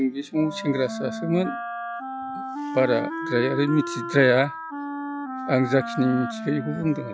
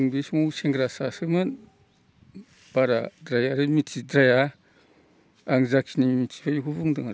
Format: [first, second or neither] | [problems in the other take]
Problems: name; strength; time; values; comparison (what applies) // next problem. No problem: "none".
second | noise reduction (classical method log-MMSE)